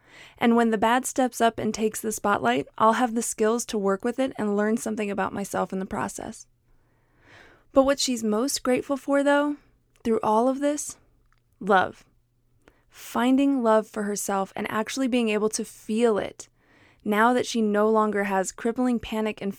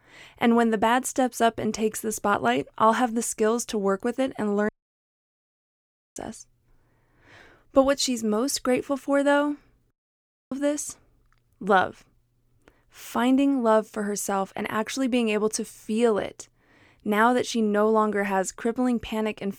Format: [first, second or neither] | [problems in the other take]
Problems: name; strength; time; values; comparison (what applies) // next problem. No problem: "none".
first | audio cutting out; at 4.5 s for 1.5 s and at 10 s for 0.5 s